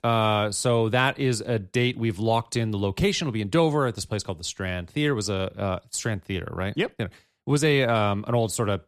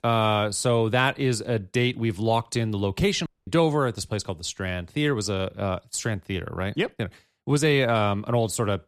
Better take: first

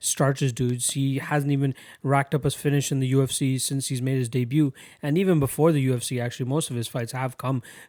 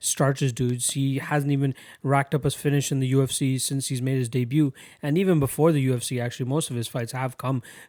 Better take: neither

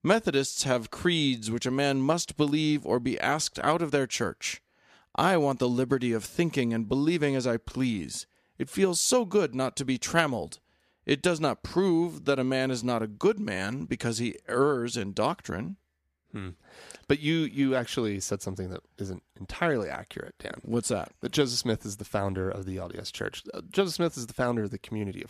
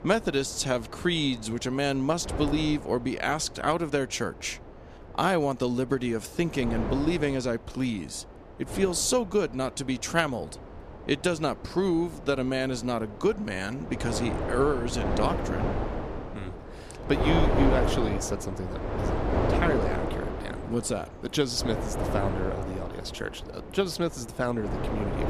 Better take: first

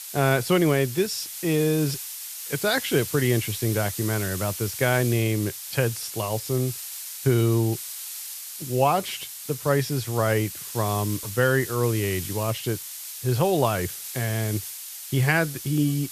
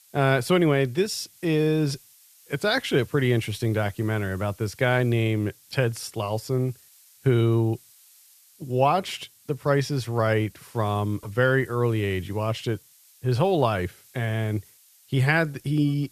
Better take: second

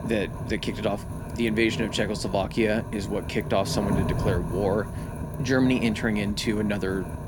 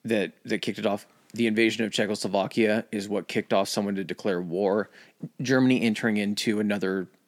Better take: second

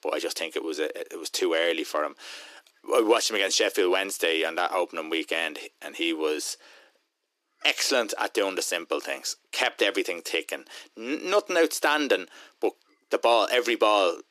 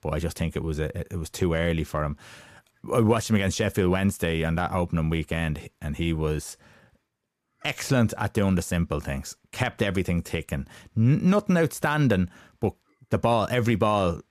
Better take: second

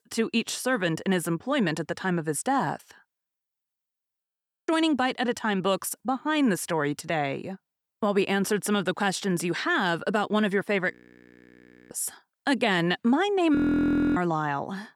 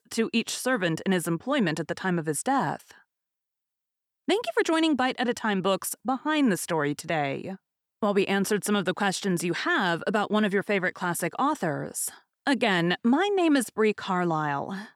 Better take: second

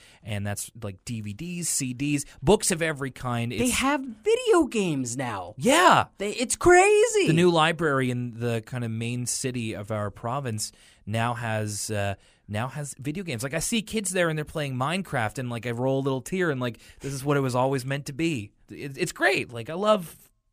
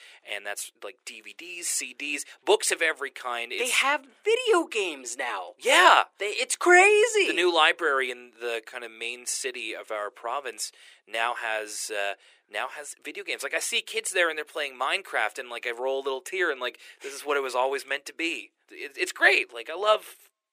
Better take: first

